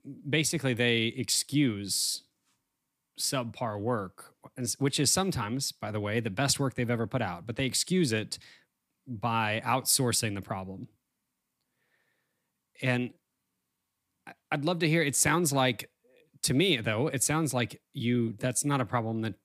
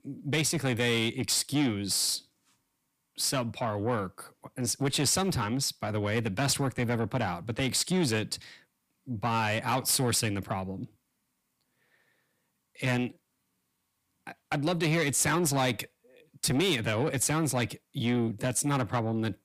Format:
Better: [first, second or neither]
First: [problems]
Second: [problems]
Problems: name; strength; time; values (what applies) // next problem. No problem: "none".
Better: first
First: none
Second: distortion; slight; 10 dB below the speech